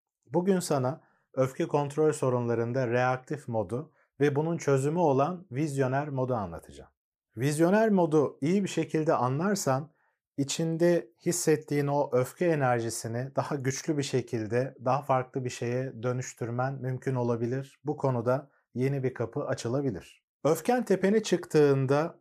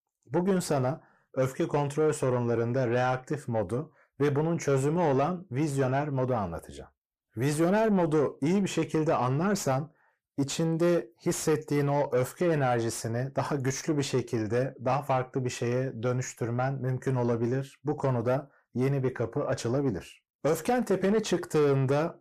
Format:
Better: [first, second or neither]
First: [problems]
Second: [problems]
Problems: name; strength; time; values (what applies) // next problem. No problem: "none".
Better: first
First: none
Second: distortion; slight; 10 dB below the speech